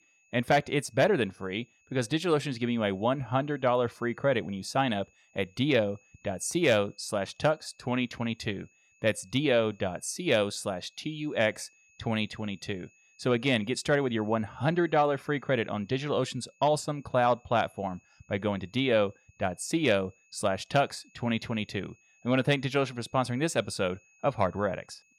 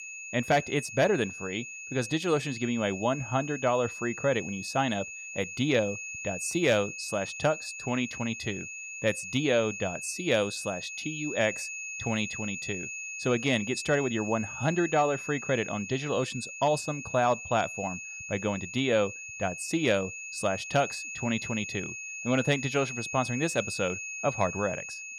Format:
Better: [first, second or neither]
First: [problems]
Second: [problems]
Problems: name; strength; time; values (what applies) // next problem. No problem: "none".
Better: first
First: high-pitched whine; faint; throughout; 2.5 kHz, 35 dB below the speech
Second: high-pitched whine; loud; throughout; 2.5 kHz, 7 dB below the speech